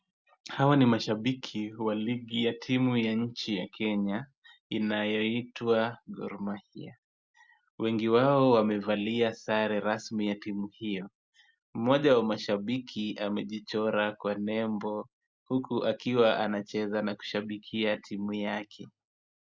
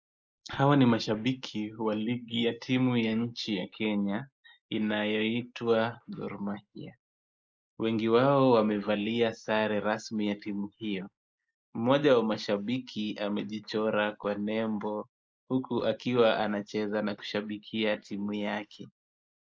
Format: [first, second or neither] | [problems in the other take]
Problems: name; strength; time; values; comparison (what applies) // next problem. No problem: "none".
first | noise reduction (neural mask model Resemble Enhance denoiser)